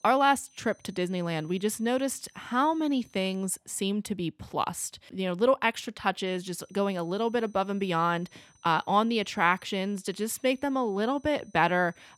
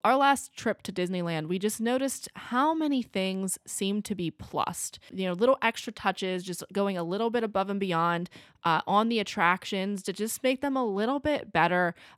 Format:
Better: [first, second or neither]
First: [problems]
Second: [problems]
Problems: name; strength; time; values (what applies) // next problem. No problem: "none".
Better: second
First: high-pitched whine; faint; until 3.5 s and from 6.5 s on; 6 kHz, 30 dB below the speech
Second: none